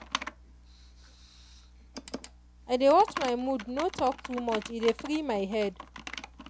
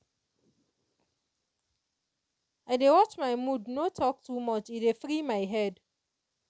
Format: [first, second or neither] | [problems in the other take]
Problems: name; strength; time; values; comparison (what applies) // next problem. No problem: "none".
second | background sound (Computer keyboard); 12 dB below the speech